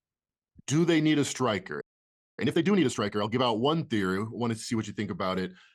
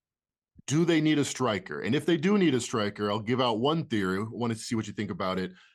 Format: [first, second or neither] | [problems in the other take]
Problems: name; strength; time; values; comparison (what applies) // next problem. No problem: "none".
second | audio freezing; at 2 s for 0.5 s